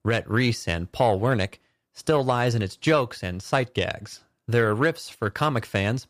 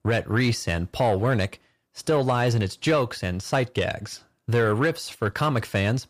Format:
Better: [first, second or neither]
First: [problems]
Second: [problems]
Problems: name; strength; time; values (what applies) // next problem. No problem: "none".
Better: first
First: none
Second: distortion; slight; 10 dB below the speech